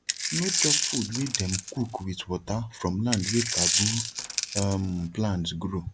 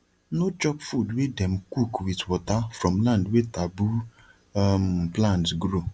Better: second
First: background sound (Coin (dropping)); as loud as the speech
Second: none

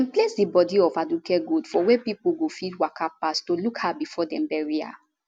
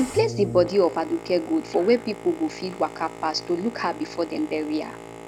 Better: first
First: none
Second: background sound (Boat, Water vehicle); 12 dB below the speech

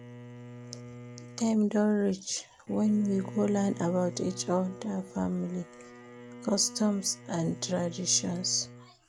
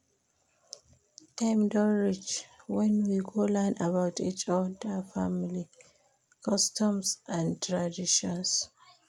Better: second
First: background sound (Bowed string instrument); 15 dB below the speech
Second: none

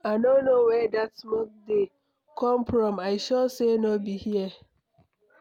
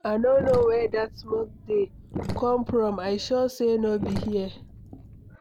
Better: first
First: none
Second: background sound (Sink (filling or washing)); 11 dB below the speech

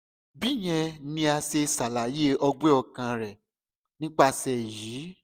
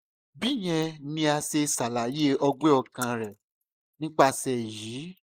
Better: first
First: none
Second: noise reduction (neural mask model Resemble Enhance denoiser)

